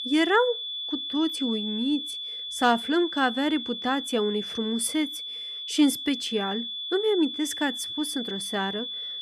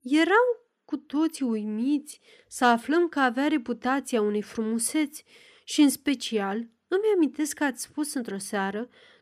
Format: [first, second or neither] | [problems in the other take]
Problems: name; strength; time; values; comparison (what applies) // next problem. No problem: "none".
second | high-pitched whine; loud; throughout; 3.5 kHz, 5 dB below the speech